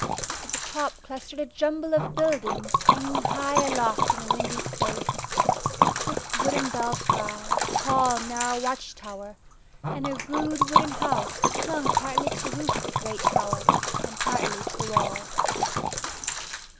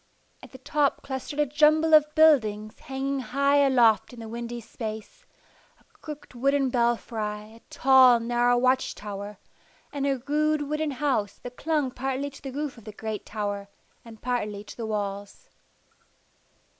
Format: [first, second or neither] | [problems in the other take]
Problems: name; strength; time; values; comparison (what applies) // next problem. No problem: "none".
second | background sound (Liquid); 4 dB above the speech